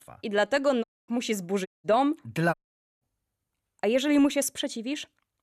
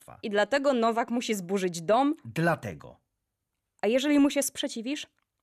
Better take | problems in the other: second | audio cutting out; at 1 s, at 1.5 s and at 2.5 s

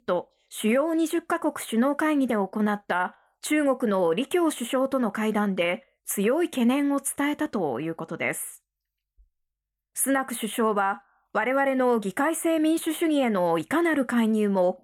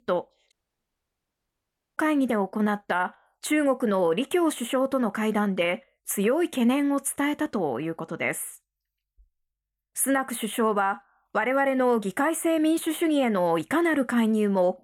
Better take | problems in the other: first | audio cutting out; at 0.5 s for 1.5 s

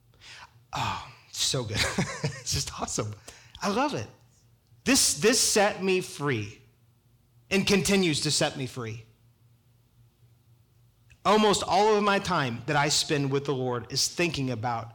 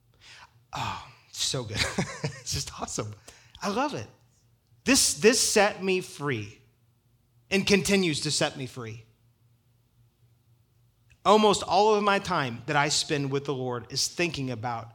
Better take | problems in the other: second | distortion; slight; 10 dB below the speech

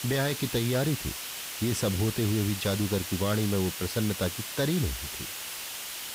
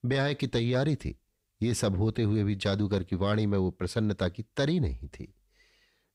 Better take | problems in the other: second | hiss; loud; throughout; 5 dB below the speech

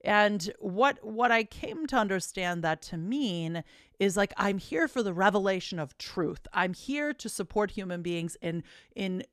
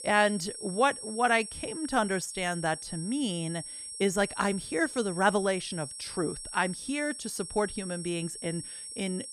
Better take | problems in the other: first | high-pitched whine; loud; throughout; 8 kHz, 8 dB below the speech

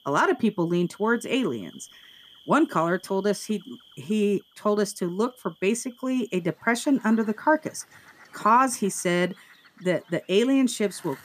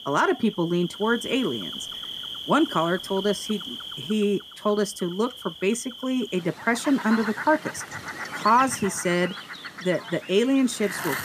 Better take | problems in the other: first | animal sounds; loud; throughout; 10 dB below the speech; faint in the first

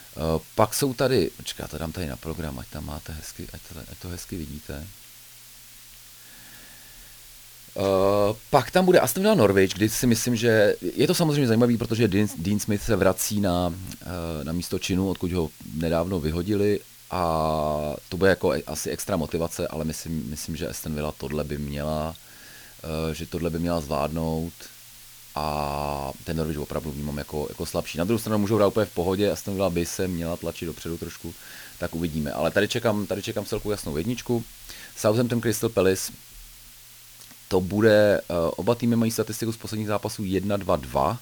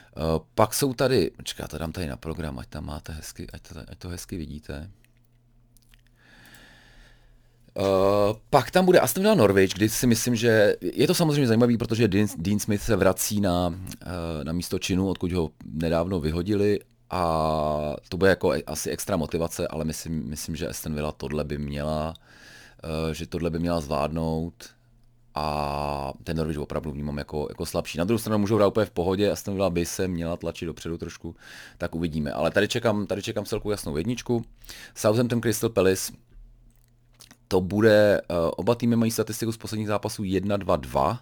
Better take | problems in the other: second | hiss; noticeable; throughout; 20 dB below the speech

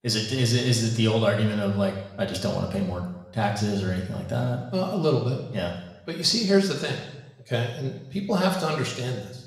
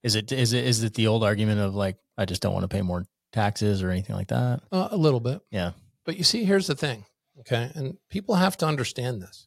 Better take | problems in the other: second | room echo; noticeable; dies away in 0.9 s // off-mic speech; somewhat distant

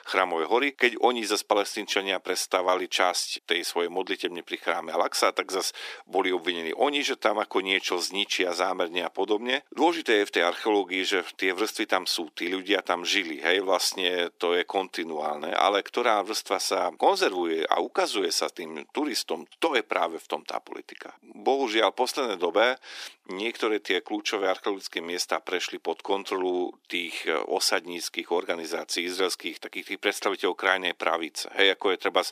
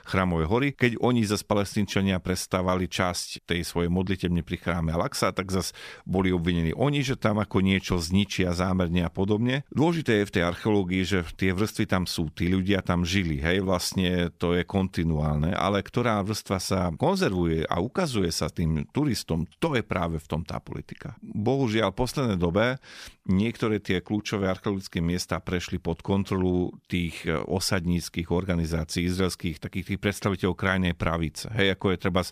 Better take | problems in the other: second | thin; very; fading below 300 Hz

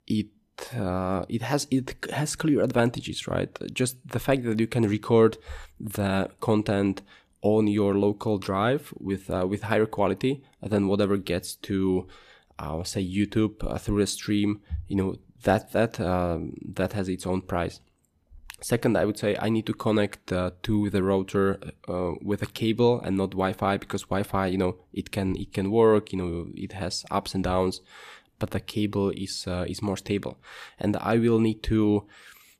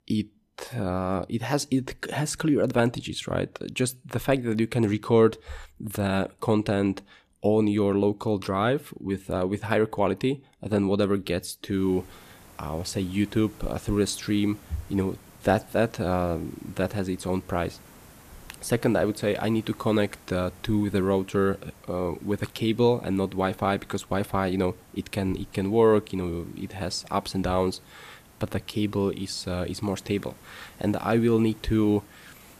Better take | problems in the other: first | hiss; faint; from 12 s on; 25 dB below the speech

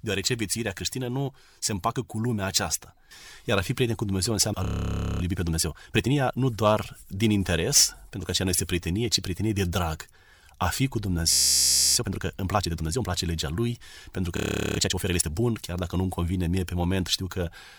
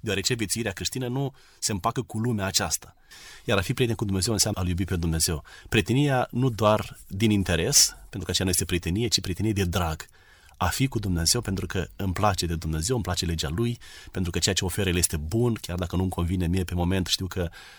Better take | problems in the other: second | audio freezing; at 4.5 s for 0.5 s, at 11 s for 0.5 s and at 14 s

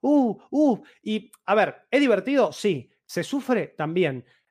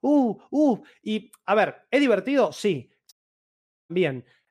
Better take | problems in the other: first | audio cutting out; at 3 s for 1 s

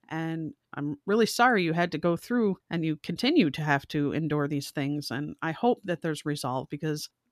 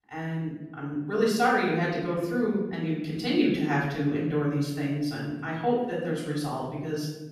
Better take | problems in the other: first | off-mic speech; far // room echo; noticeable; dies away in 1 s

